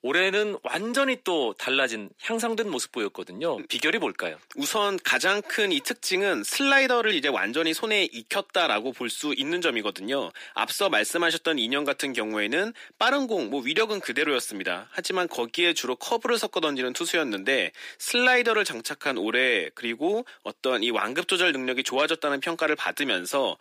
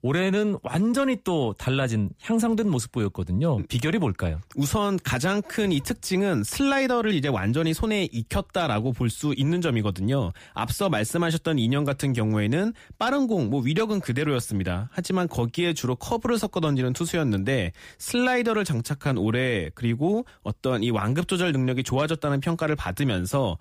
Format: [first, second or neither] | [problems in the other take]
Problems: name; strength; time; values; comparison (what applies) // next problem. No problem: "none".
second | thin; somewhat; fading below 300 Hz